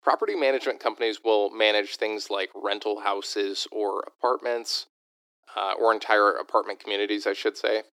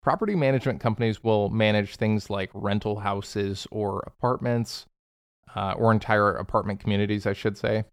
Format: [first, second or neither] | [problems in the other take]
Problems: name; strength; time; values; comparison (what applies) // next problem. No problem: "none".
second | thin; very; fading below 300 Hz